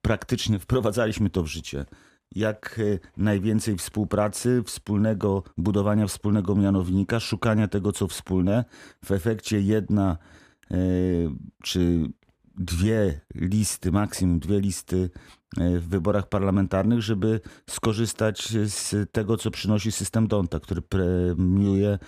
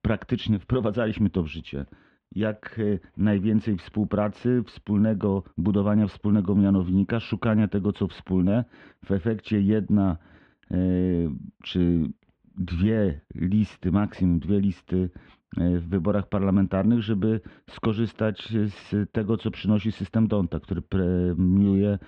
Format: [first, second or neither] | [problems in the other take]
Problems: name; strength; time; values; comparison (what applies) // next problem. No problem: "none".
first | muffled; very; fading above 3 kHz